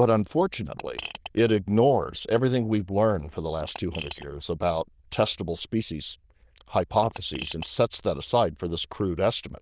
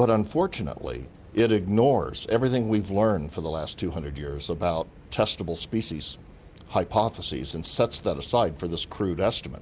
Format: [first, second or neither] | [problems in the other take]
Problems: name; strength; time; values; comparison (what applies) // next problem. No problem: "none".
second | noise reduction (neural diffusion model UNIVERSE++)